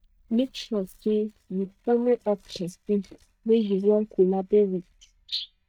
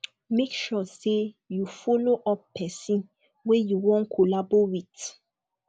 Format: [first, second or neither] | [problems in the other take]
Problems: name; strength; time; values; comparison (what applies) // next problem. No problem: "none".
second | noise reduction (neural mask model DeepFilterNet 3)